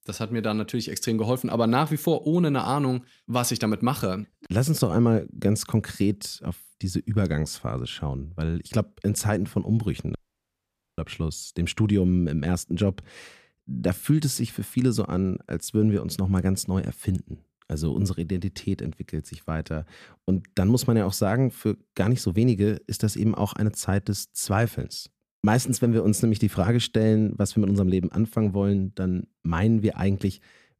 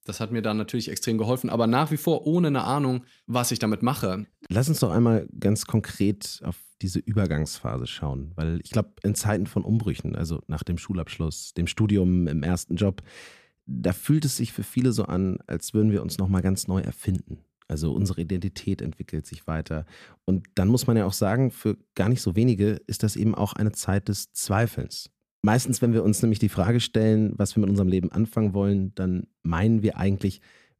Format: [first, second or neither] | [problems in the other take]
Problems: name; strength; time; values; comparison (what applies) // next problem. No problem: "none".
second | audio cutting out; at 10 s for 1 s